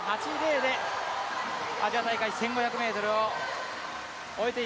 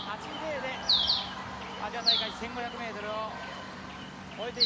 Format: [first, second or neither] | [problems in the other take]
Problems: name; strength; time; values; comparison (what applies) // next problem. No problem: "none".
first | background sound (Bird); 4 dB above the speech